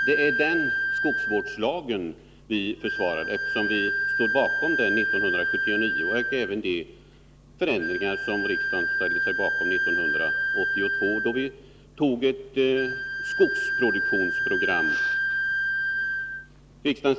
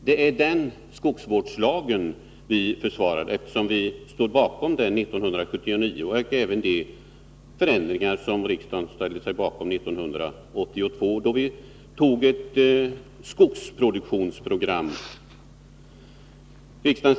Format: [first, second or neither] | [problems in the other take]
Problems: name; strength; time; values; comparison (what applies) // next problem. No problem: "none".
second | background sound (Wind instrument, woodwind instrument); 1 dB above the speech